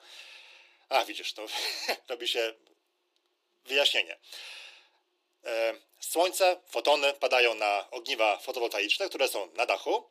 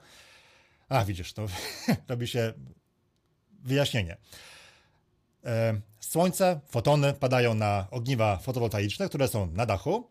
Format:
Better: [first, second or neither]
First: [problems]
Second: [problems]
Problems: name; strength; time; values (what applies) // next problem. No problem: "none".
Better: second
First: thin; very; fading below 350 Hz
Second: none